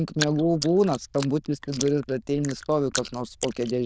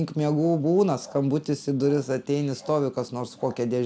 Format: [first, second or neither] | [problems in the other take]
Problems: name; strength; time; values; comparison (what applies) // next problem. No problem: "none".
second | noise reduction (neural diffusion model UNIVERSE++)